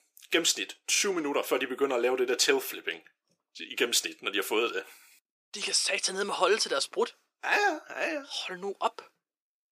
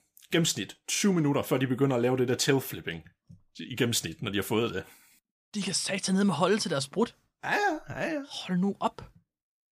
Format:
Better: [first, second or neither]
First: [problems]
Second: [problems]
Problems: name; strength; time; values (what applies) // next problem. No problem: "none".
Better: second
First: thin; somewhat; fading below 350 Hz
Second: none